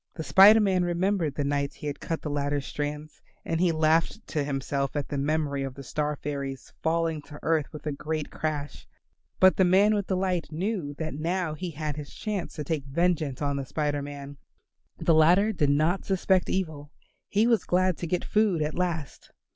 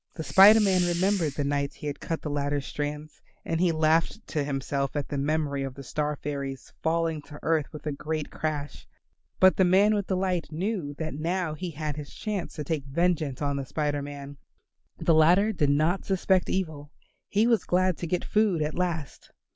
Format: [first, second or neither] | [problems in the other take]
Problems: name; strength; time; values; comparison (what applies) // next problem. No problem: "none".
first | background sound (Hiss); 12 dB below the speech